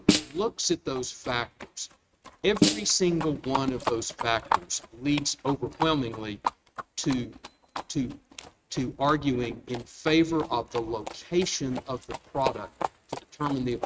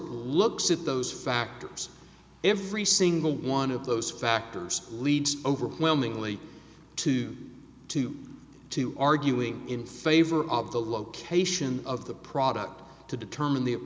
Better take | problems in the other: second | noise reduction (neural mask model RNNoise)

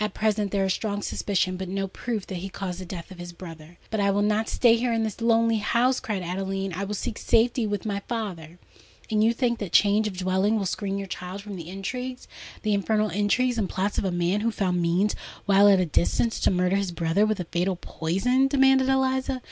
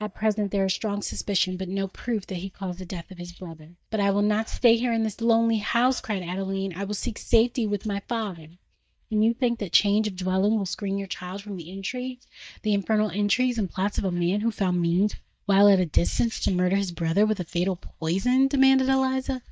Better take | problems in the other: first | noise reduction (neural mask model DeepFilterNet 3)

